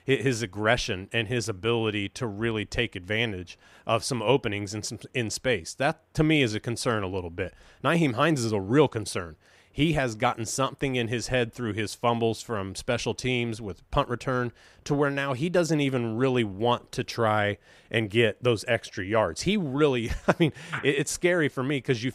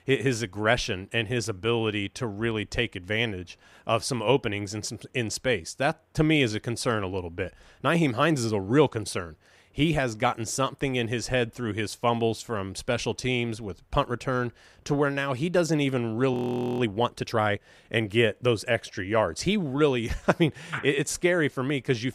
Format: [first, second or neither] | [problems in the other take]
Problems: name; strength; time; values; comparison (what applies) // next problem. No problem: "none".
first | audio freezing; at 16 s